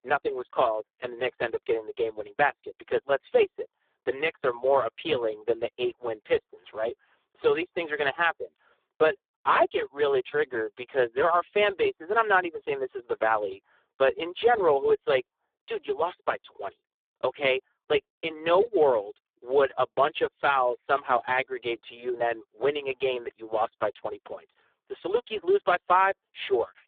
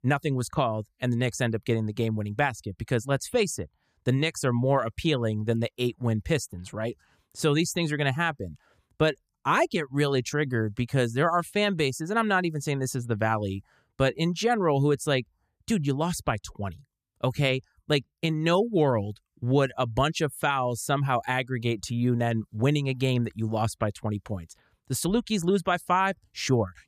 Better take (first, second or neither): second